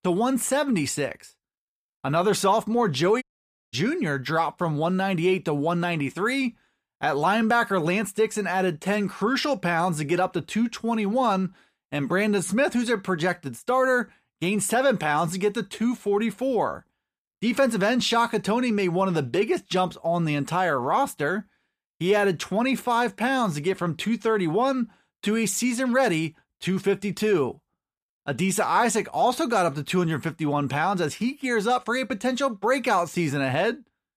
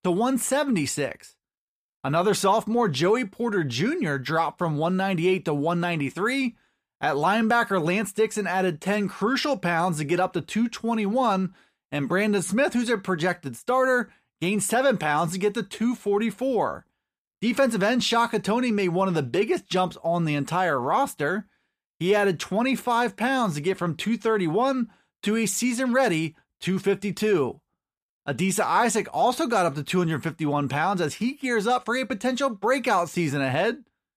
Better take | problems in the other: second | audio cutting out; at 3 s for 0.5 s

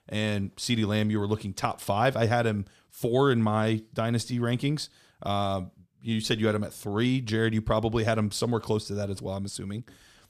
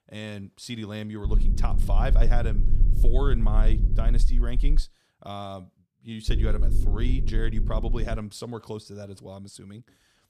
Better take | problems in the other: first | low rumble; loud; from 1.5 to 5 s and from 6.5 to 8 s; 8 dB below the speech

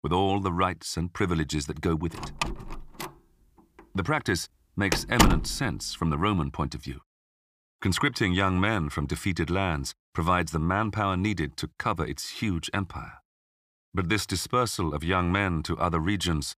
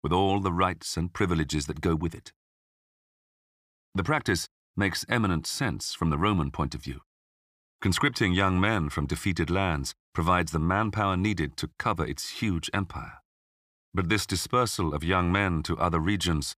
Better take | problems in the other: second | door banging; loud; from 2 to 5.5 s; peak 5 dB above the speech

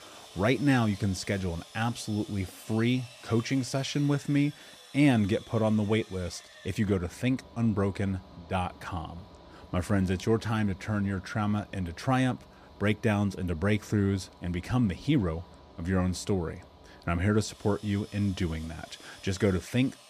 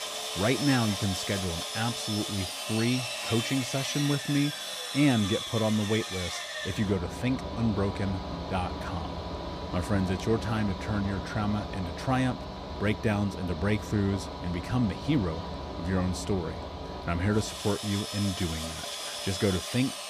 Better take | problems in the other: first | machinery noise; loud; throughout; 5 dB below the speech; faint in the first

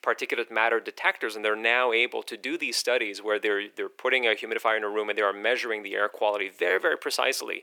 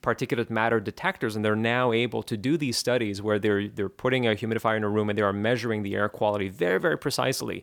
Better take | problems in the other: second | thin; very; fading below 400 Hz

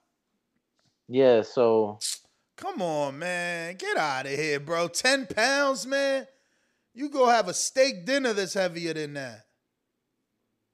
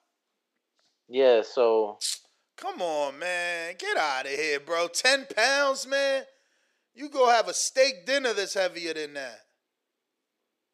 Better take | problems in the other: first | thin; somewhat; fading below 450 Hz

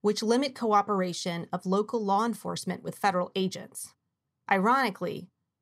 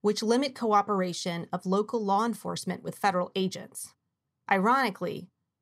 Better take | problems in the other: neither | none

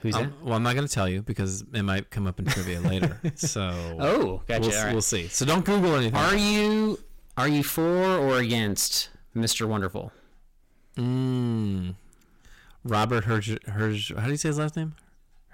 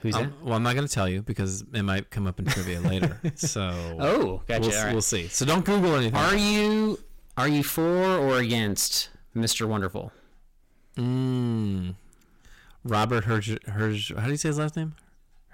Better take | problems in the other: neither | distortion; heavy; 11% of the sound clipped; the same in both

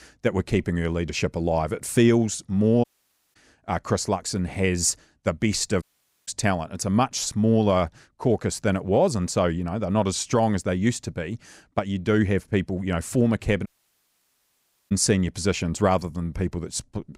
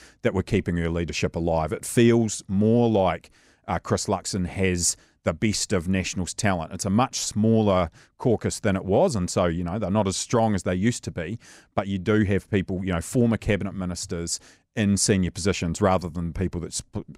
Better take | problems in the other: second | audio cutting out; at 3 s for 0.5 s, at 6 s and at 14 s for 1.5 s

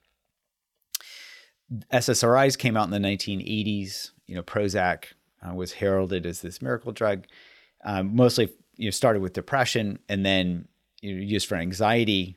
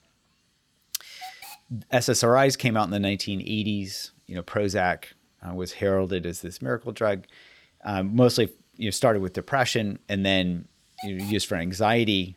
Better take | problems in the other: first | hiss; noticeable; throughout; 20 dB below the speech

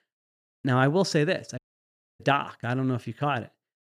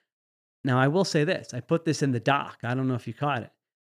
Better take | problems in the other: second | audio cutting out; at 1.5 s for 0.5 s

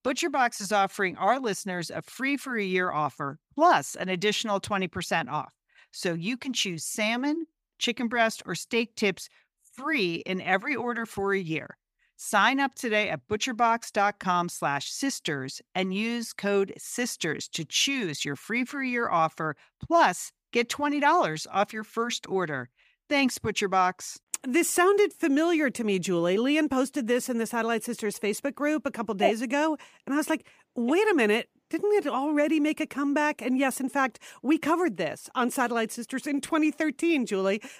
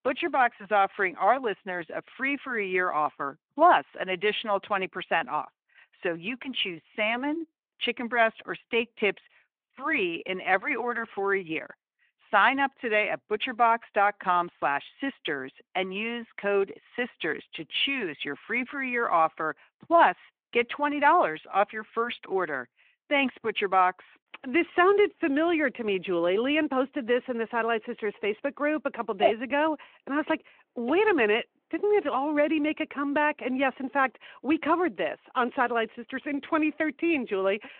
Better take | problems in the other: first | phone-call audio

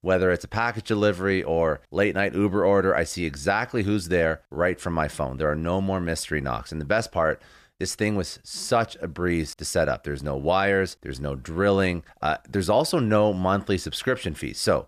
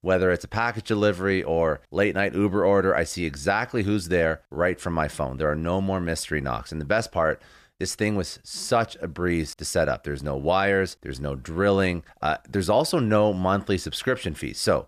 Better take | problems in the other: neither | none

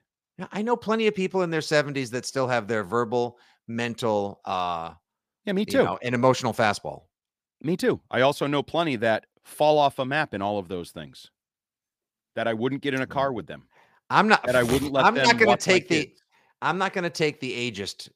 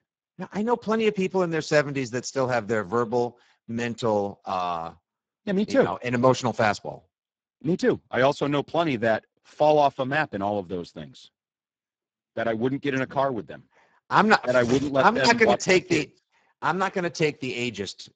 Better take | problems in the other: first | garbled, watery; badly; nothing above 7.5 kHz

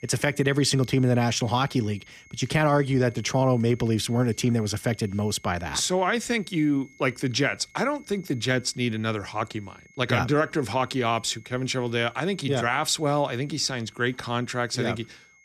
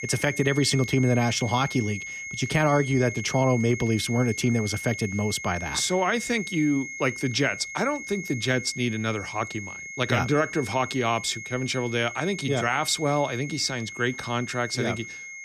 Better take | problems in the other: first | high-pitched whine; loud; throughout; 2 kHz, 9 dB below the speech; faint in the first

